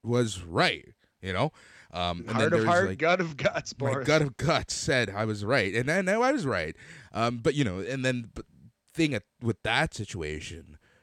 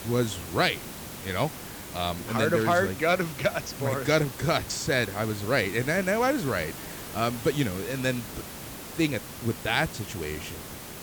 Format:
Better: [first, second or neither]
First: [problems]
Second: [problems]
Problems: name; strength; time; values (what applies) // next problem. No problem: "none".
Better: first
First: none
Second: hiss; noticeable; throughout; 10 dB below the speech